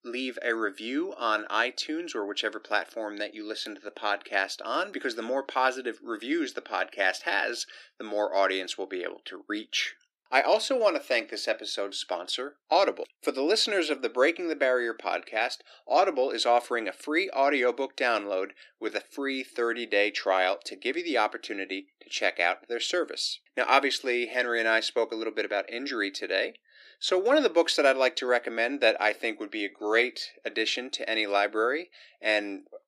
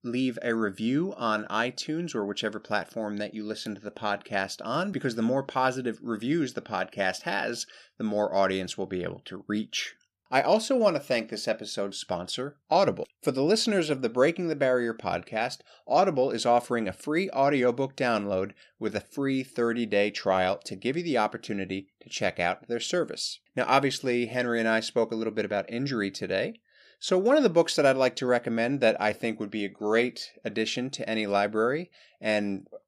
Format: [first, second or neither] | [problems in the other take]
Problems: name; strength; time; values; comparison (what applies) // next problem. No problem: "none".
second | thin; somewhat; fading below 300 Hz